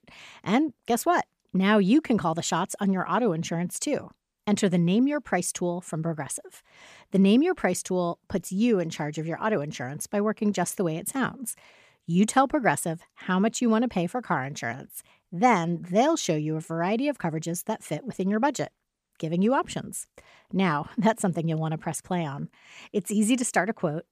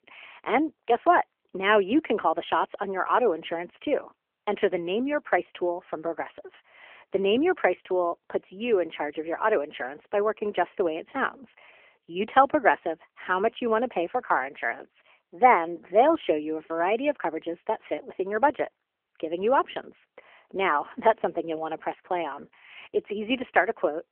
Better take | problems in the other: first | phone-call audio; nothing above 3 kHz

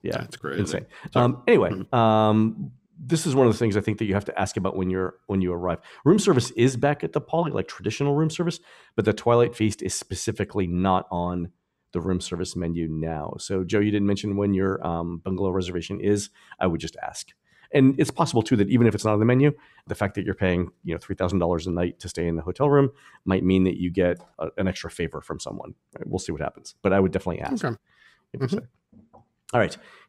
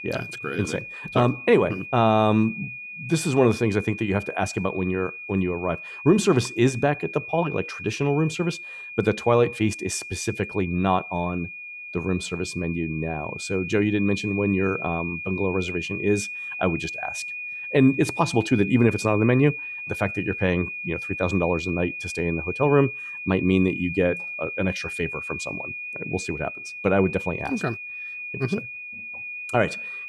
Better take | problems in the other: first | high-pitched whine; loud; throughout; 2.5 kHz, 8 dB below the speech

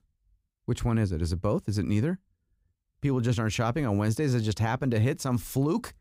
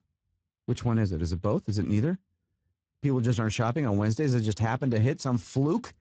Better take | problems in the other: first | garbled, watery; badly; nothing above 7.5 kHz

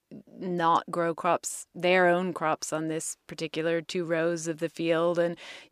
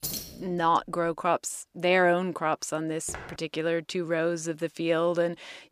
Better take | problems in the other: first | jangling keys; noticeable; at the start; peak 5 dB below the speech // footsteps; faint; at 3 s; peak 15 dB below the speech

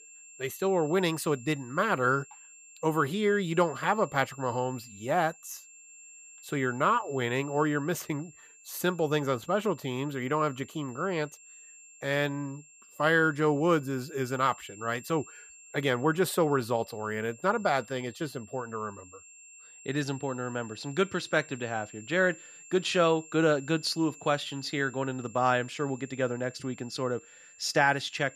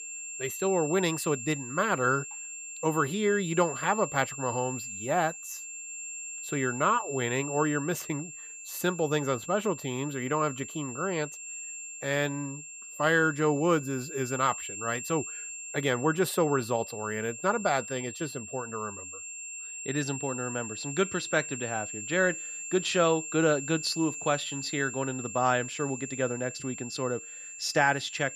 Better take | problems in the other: first | high-pitched whine; loud; throughout; 7.5 kHz, 8 dB below the speech; faint in the first

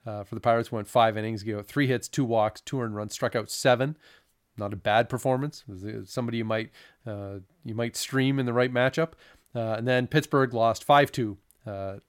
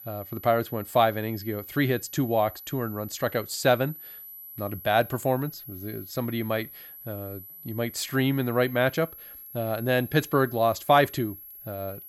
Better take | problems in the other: first | high-pitched whine; noticeable; throughout; 12 kHz, 15 dB below the speech

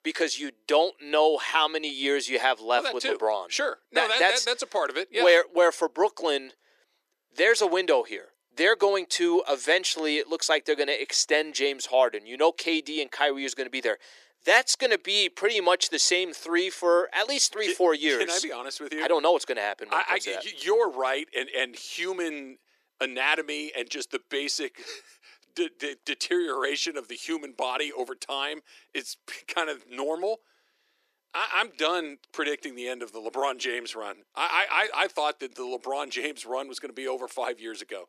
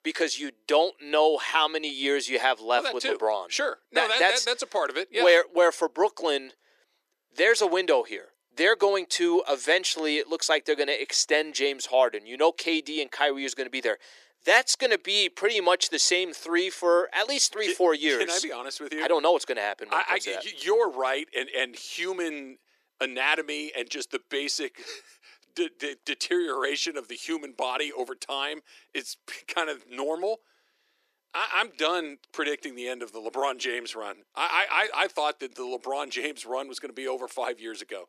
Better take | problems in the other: neither | thin; very; fading below 350 Hz; the same in both

